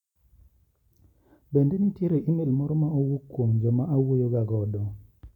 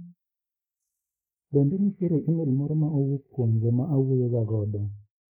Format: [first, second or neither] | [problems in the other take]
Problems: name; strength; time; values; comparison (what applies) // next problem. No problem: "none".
first | noise reduction (neural mask model Resemble Enhance denoiser)